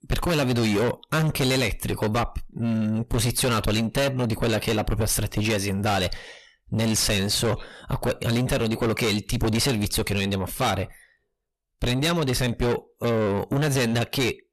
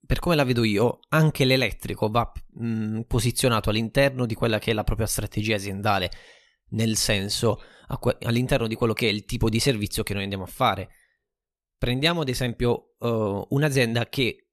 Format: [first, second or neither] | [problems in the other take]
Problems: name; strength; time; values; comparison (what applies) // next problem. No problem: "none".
second | distortion; heavy; 5 dB below the speech